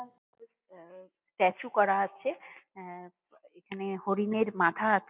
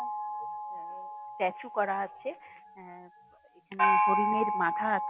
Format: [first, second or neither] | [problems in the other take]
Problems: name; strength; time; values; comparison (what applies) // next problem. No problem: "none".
first | background sound (Gong); 4 dB above the speech